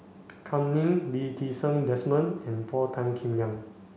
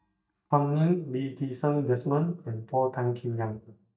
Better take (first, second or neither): first